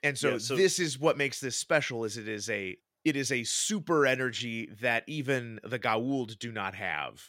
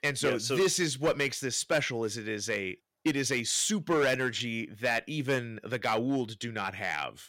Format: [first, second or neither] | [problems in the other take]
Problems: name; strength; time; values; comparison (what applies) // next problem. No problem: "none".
first | distortion; slight; 4% of the sound clipped